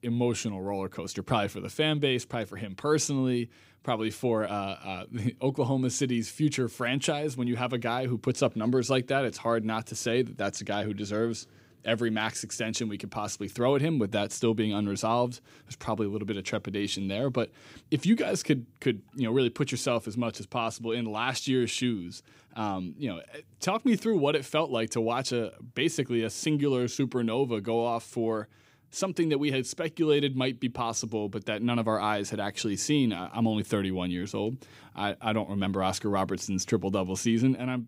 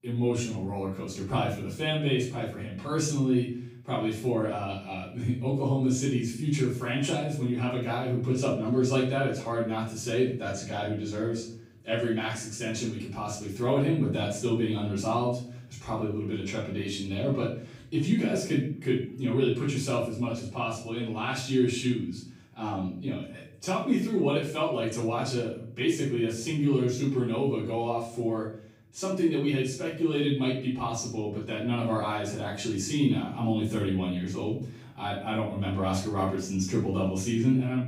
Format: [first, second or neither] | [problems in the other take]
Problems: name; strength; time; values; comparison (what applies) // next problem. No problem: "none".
first | off-mic speech; far // room echo; noticeable; dies away in 0.5 s